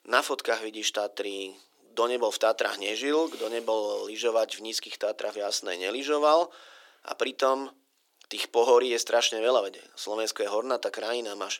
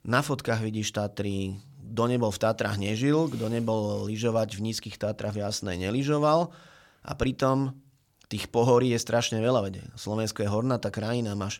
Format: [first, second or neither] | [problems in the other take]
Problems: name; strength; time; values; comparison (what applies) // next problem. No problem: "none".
second | thin; very; fading below 350 Hz